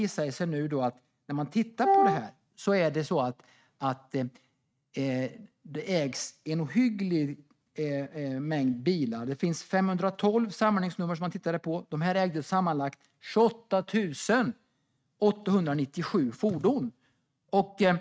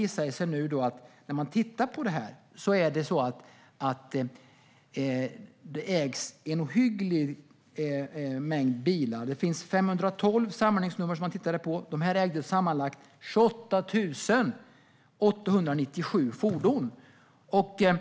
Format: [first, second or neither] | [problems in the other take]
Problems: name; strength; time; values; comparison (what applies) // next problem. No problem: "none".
second | noise reduction (neural mask model RNNoise)